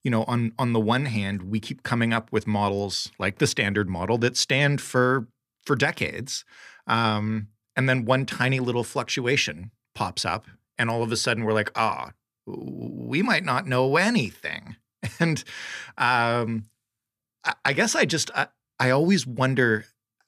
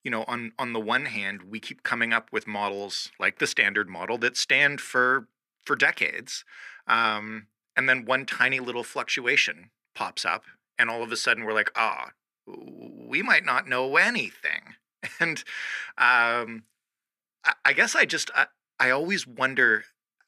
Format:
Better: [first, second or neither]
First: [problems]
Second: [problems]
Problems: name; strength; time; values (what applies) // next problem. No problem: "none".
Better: first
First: none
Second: thin; somewhat; fading below 300 Hz